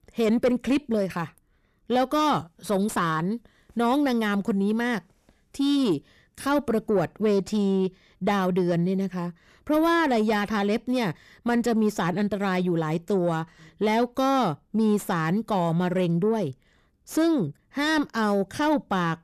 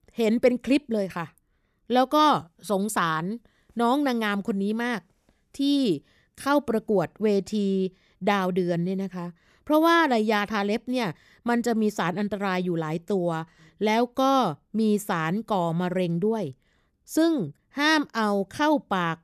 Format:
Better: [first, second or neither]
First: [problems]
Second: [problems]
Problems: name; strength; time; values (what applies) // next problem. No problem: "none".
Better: second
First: distortion; slight; 10 dB below the speech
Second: none